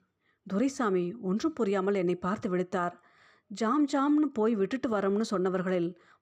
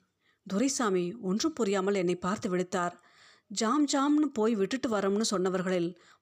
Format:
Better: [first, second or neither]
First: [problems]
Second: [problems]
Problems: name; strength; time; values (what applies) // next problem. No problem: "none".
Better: second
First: muffled; slightly; fading above 3 kHz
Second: none